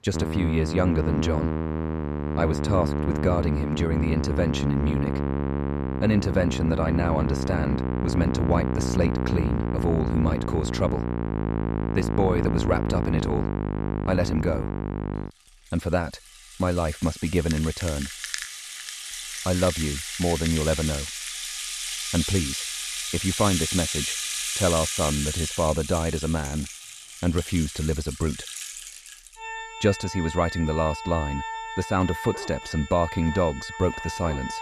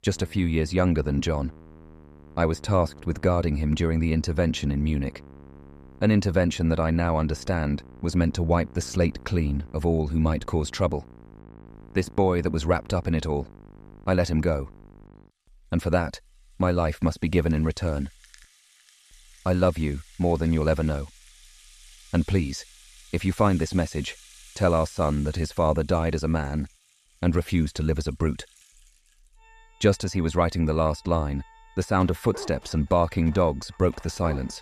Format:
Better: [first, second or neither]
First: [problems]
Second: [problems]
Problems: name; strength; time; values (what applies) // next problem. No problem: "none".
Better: second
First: background music; loud; throughout; 3 dB below the speech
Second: background music; faint; throughout; 25 dB below the speech